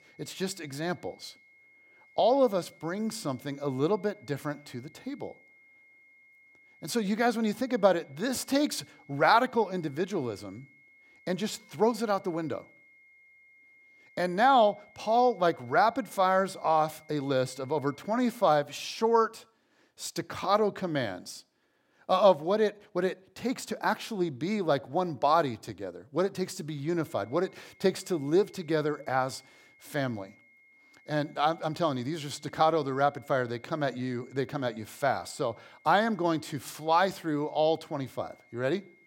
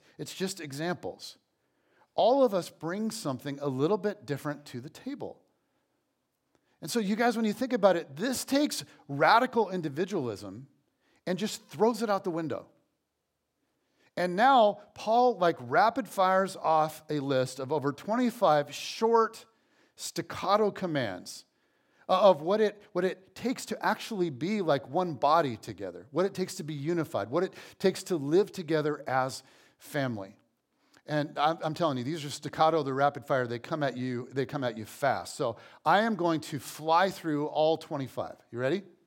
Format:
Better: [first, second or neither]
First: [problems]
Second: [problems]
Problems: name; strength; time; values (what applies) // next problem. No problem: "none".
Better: second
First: high-pitched whine; faint; until 19 s and from 27 s on; 2 kHz, 30 dB below the speech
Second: none